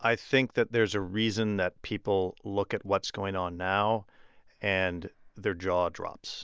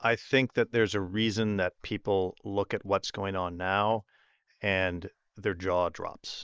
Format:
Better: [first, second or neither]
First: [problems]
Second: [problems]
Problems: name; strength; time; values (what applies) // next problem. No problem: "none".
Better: first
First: none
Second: noise reduction (neural mask model Resemble Enhance denoiser)